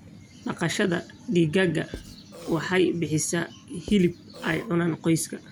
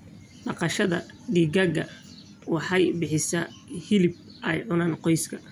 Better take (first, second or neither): second